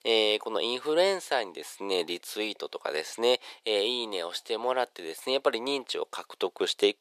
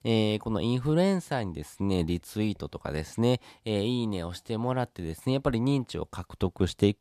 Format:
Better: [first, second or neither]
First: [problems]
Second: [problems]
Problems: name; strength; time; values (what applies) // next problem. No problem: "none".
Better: second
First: thin; very; fading below 400 Hz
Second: none